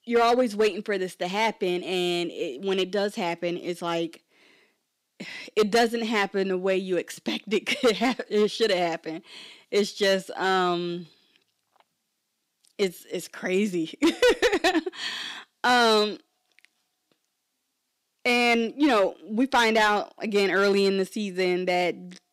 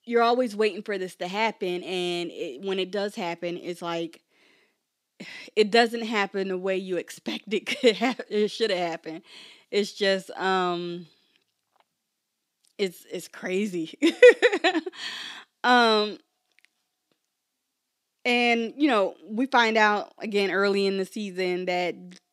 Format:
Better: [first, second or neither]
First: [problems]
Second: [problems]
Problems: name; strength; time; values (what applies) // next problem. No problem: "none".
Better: second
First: distortion; heavy; 3% of the sound clipped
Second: none